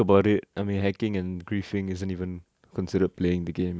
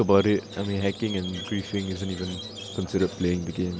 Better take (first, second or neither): first